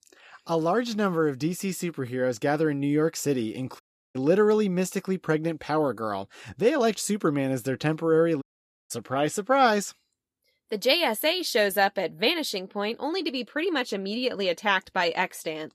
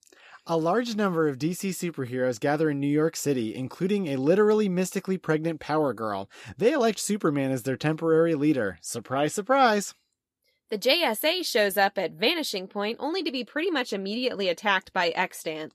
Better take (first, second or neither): second